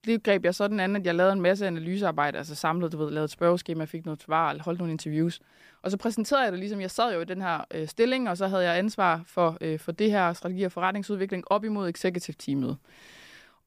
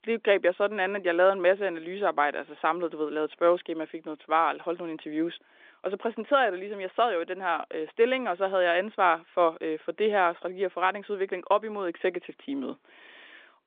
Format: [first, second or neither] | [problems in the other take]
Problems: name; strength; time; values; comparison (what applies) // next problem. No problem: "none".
first | phone-call audio